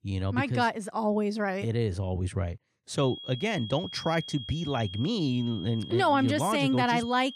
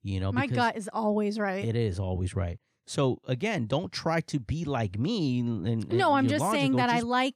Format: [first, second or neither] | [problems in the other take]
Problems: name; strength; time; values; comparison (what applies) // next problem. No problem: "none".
second | high-pitched whine; noticeable; from 3 s on; 3.5 kHz, 10 dB below the speech